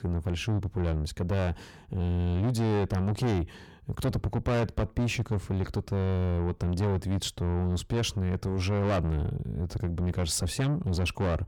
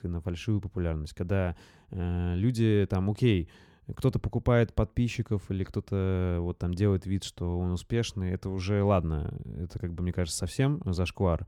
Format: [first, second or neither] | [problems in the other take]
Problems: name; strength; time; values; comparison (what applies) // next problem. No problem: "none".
second | distortion; heavy; 6 dB below the speech